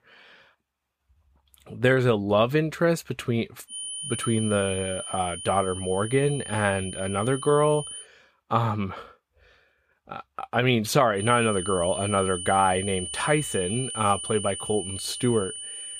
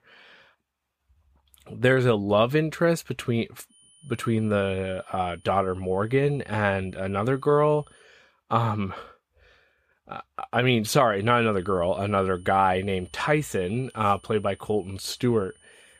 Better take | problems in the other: second | high-pitched whine; loud; from 3.5 to 8 s and from 11 s on; 9.5 kHz, 8 dB below the speech; faint in the second

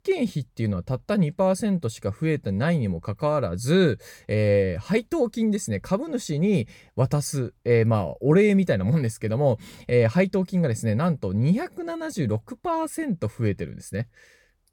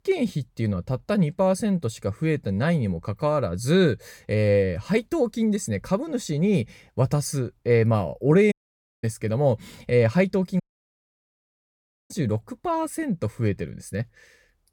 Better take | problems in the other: first | audio cutting out; at 8.5 s for 0.5 s and at 11 s for 1.5 s

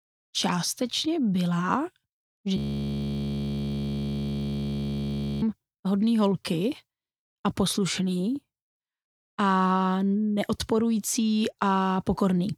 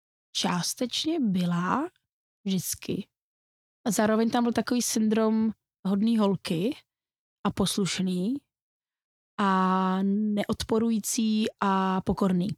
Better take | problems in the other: second | audio freezing; at 2.5 s for 3 s

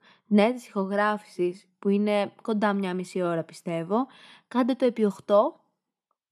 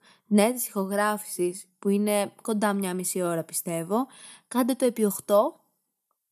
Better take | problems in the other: second | muffled; slightly; fading above 3 kHz

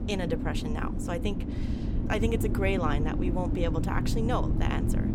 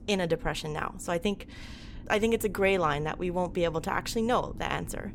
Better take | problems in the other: second | low rumble; loud; throughout; 5 dB below the speech; faint in the second

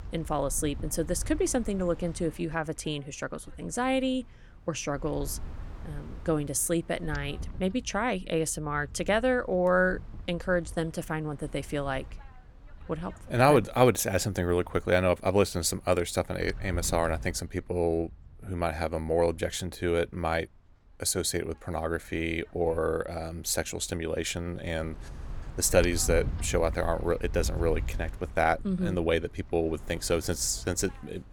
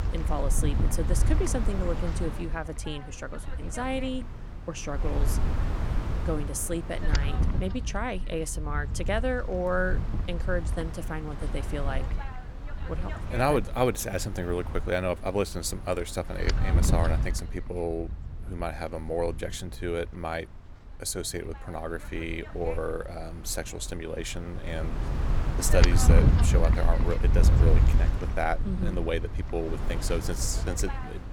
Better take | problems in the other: first | wind noise on the microphone; heavy; 7 dB below the speech; occasional gusts in the first

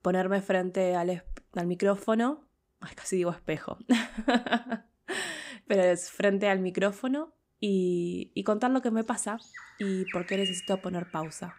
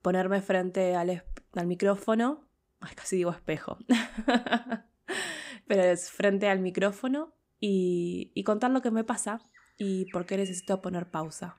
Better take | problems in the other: second | animal sounds; loud; from 8.5 s on; 10 dB below the speech; faint in the second

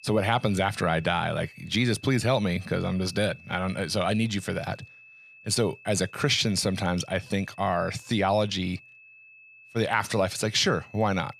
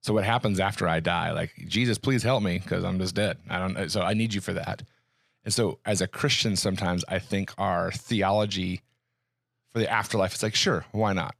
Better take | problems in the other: second | high-pitched whine; faint; throughout; 2.5 kHz, 25 dB below the speech

